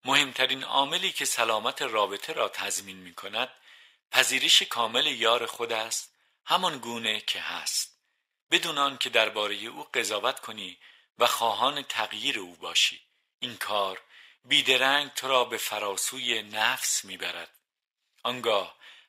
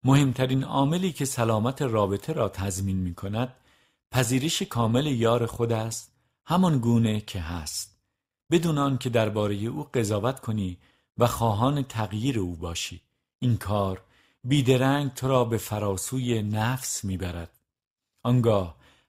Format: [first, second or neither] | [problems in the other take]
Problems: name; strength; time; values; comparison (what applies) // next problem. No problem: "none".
second | thin; very; fading below 650 Hz